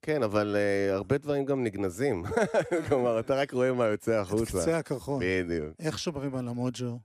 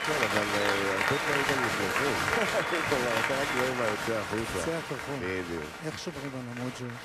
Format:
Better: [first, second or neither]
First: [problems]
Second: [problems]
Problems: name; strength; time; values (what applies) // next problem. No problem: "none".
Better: first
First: none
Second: crowd noise; very loud; throughout; 4 dB above the speech